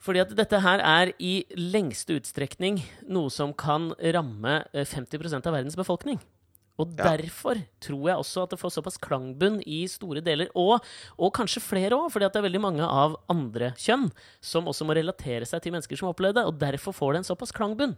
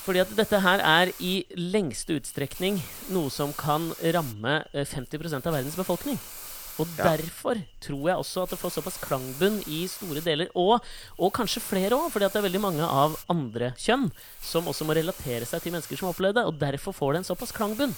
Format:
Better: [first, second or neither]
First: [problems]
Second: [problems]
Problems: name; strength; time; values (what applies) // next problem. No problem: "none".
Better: first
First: none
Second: hiss; noticeable; throughout; 10 dB below the speech